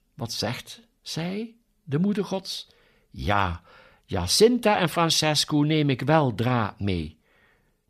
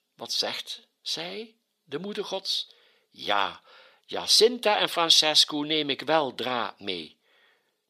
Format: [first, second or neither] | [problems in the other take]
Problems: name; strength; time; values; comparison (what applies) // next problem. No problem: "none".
first | thin; somewhat; fading below 450 Hz